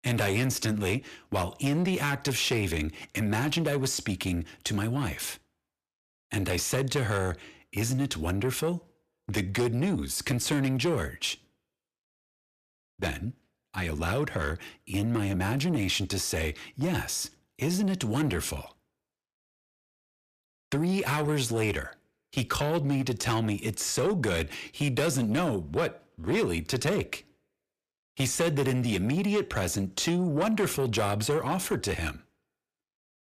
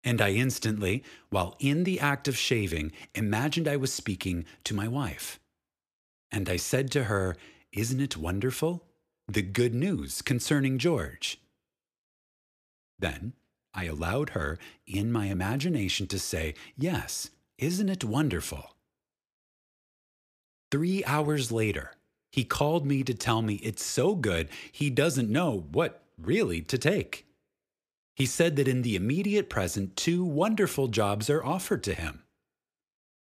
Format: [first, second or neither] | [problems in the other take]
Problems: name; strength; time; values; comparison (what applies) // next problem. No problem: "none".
second | distortion; slight; 10 dB below the speech